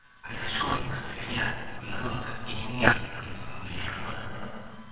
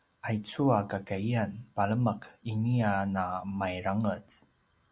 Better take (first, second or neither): second